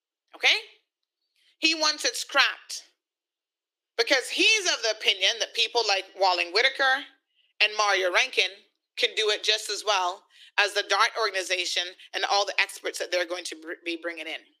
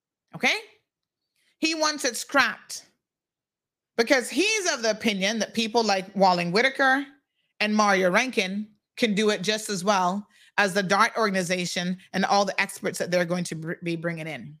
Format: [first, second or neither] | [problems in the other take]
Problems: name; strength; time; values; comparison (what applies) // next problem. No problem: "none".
second | thin; very; fading below 300 Hz